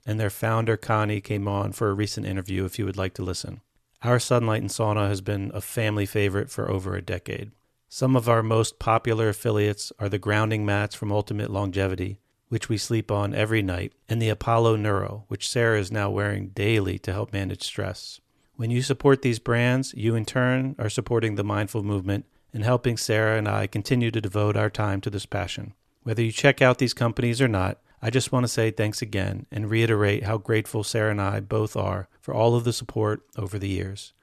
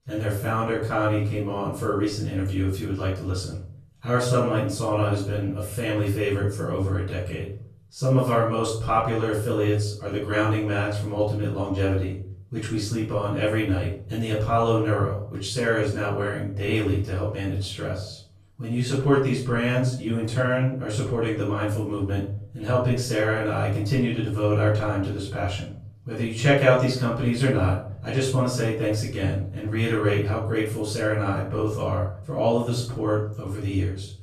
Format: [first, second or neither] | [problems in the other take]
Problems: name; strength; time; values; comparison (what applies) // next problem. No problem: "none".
first | off-mic speech; far // room echo; noticeable; dies away in 0.5 s